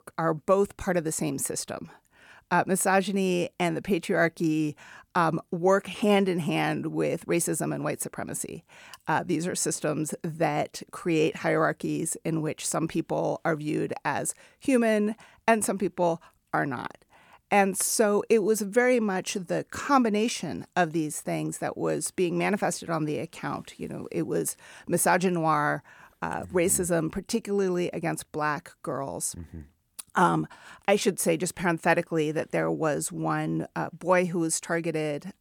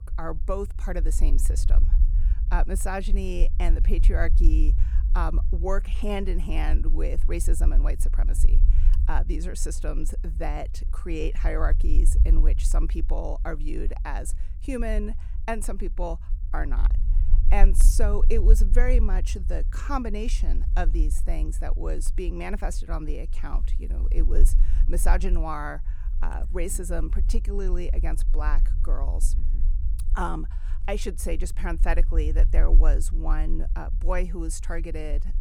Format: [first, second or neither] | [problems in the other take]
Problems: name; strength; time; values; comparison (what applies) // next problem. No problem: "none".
first | low rumble; noticeable; throughout; 15 dB below the speech